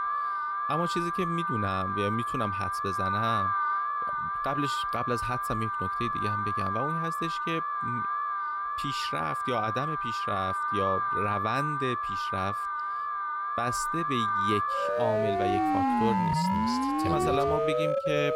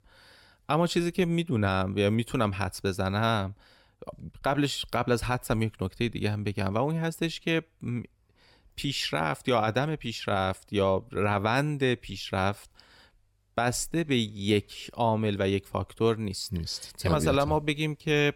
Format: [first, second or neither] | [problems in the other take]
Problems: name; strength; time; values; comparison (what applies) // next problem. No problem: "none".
second | alarms or sirens; very loud; throughout; 4 dB above the speech